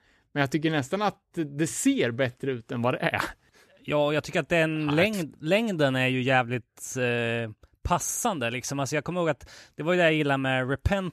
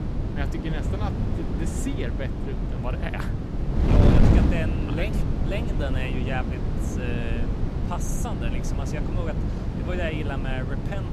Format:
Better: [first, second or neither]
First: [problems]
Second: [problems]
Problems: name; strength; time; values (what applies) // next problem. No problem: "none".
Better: first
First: none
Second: wind noise on the microphone; heavy; as loud as the speech